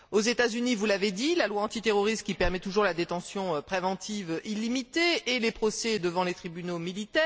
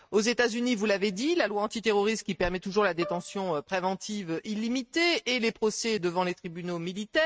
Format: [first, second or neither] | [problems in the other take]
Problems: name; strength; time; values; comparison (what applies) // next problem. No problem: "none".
first | noise reduction (neural mask model RNNoise)